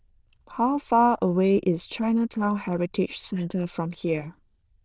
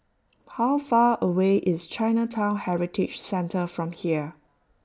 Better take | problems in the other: second | noise reduction (neural diffusion model UNIVERSE++)

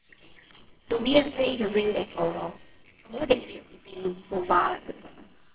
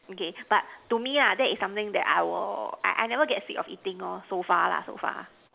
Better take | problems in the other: second | noise reduction (neural separator model SepFormer WHAMR!)

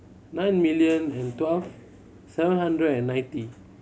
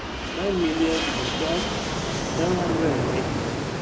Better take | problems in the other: first | background sound (Fixed-wing aircraft, airplane); 1 dB above the speech

